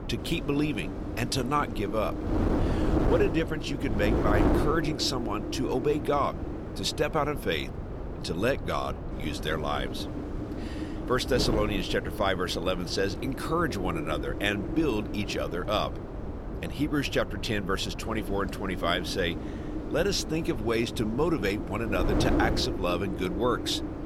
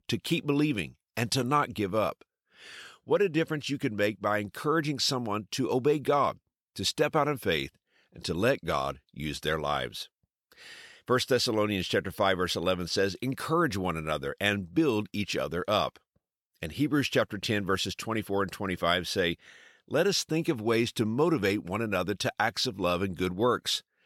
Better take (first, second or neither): second